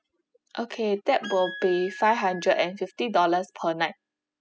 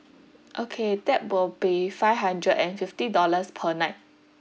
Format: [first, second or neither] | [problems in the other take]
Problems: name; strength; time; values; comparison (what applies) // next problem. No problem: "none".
second | noise reduction (classical method spectral subtraction)